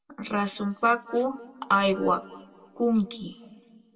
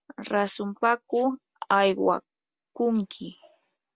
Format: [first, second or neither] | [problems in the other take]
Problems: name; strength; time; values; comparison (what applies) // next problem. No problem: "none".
second | room echo; dies away in 1.8 s